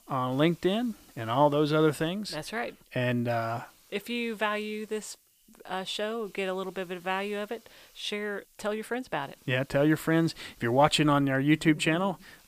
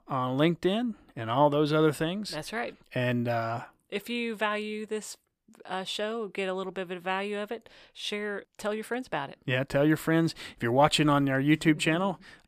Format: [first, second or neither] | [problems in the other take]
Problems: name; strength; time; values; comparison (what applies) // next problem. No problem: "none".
second | hiss; faint; throughout; 30 dB below the speech